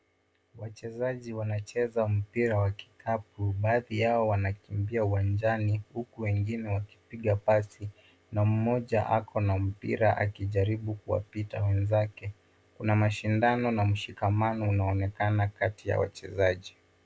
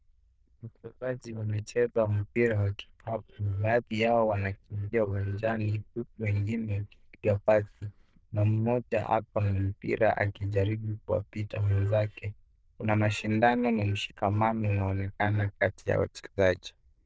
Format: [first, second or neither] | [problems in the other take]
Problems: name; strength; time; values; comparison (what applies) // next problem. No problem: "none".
first | noise reduction (neural diffusion model UNIVERSE++)